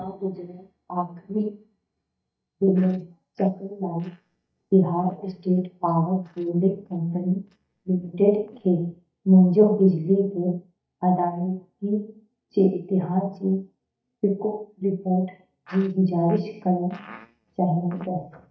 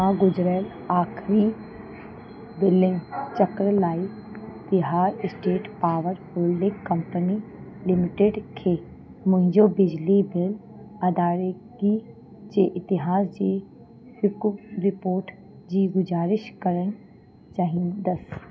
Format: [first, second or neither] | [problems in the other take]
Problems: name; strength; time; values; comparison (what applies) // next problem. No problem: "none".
second | noise reduction (neural mask model DeepFilterNet 3)